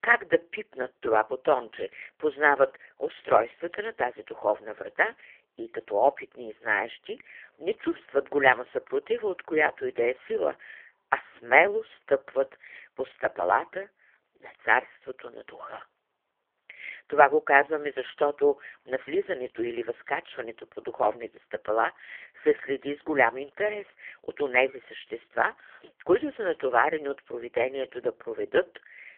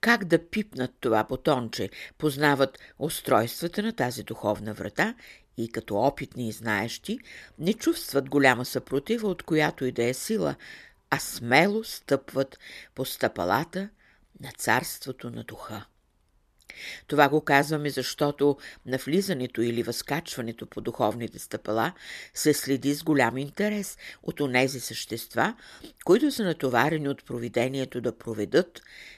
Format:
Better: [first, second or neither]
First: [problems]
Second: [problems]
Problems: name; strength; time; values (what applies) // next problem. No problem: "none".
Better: second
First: phone-call audio; poor line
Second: none